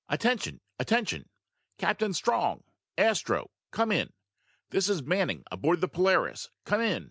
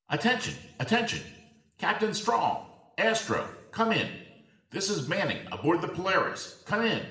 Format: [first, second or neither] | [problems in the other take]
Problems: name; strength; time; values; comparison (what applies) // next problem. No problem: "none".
first | room echo; dies away in 0.8 s